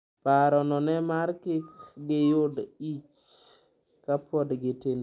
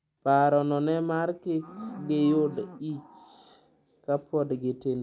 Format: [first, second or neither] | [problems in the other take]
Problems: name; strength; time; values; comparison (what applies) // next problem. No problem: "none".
first | background sound (Livestock, farm animals, working animals); 19 dB below the speech